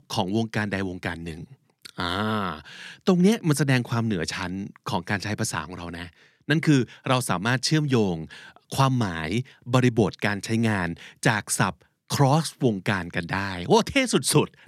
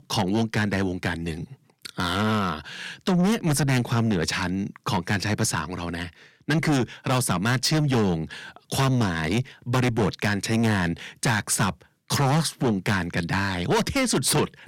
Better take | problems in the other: first | distortion; heavy; 6 dB below the speech

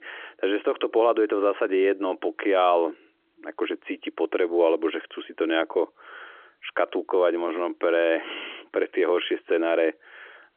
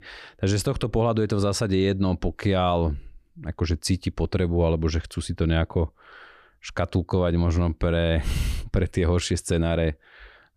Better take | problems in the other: second | phone-call audio; nothing above 3.5 kHz

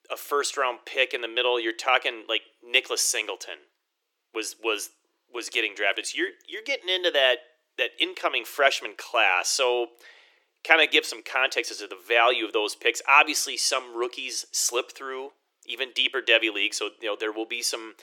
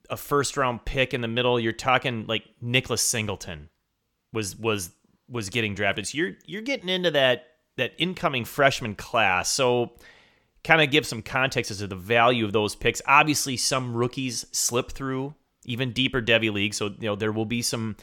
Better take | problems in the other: second | thin; very; fading below 350 Hz

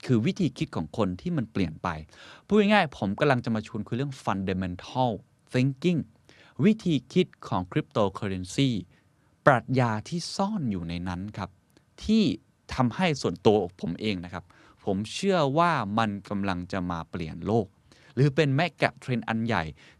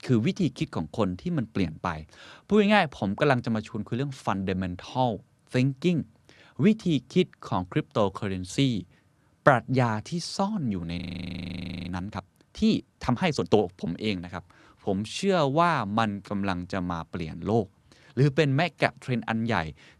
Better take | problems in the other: first | audio freezing; at 11 s for 1 s

